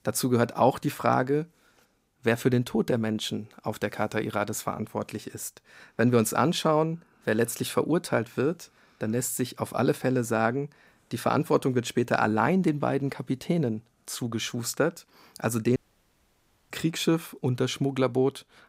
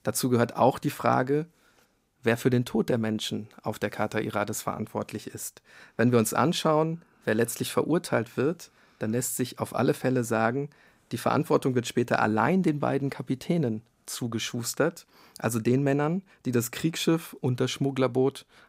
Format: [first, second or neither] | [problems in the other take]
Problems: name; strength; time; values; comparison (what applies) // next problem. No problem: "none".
second | audio cutting out; at 16 s for 1 s